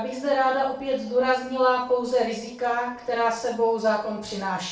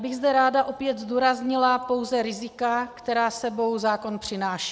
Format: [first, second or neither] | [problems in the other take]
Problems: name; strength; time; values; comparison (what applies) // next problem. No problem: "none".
second | room echo; dies away in 0.4 s